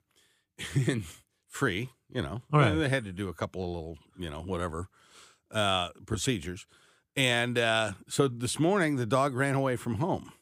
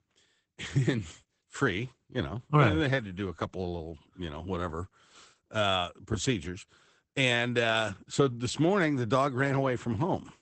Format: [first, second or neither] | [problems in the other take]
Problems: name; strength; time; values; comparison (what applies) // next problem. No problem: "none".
first | garbled, watery; badly; nothing above 8 kHz